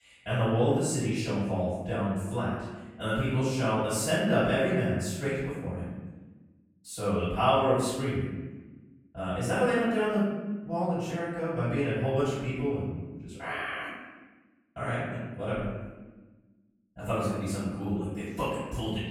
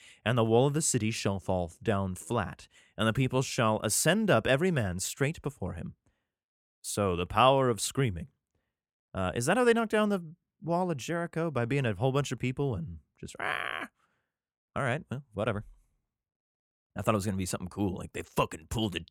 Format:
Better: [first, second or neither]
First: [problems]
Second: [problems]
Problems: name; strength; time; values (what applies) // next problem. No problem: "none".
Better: second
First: room echo; strong; dies away in 1.2 s // off-mic speech; far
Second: none